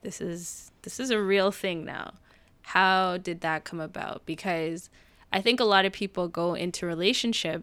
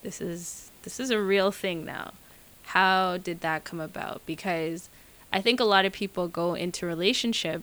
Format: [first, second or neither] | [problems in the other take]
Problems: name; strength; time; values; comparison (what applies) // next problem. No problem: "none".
first | hiss; faint; throughout; 25 dB below the speech